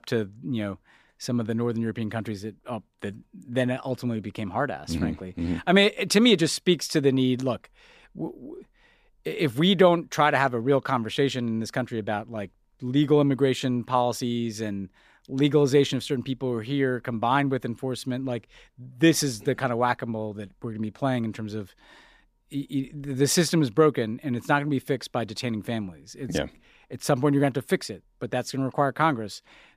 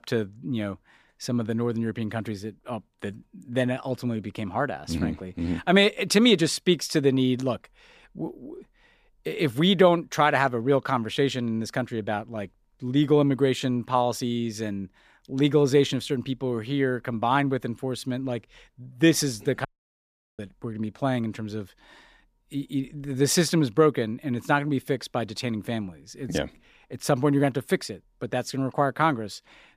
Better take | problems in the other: first | audio cutting out; at 20 s for 0.5 s

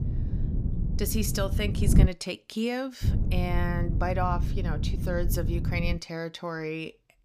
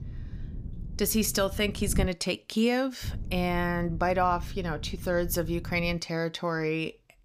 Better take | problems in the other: second | wind noise on the microphone; heavy; until 2 s and from 3 to 6 s; 8 dB below the speech; occasional gusts in the second

